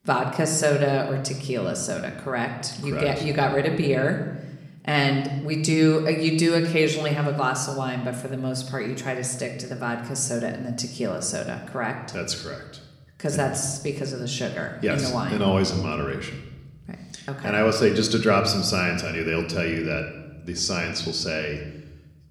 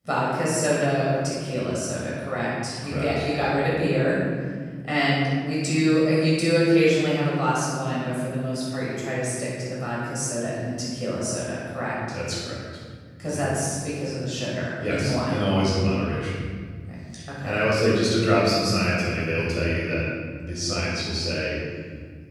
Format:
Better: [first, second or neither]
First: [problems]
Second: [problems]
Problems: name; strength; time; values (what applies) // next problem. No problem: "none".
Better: first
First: room echo; slight; dies away in 1 s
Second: room echo; strong; dies away in 2.5 s // off-mic speech; far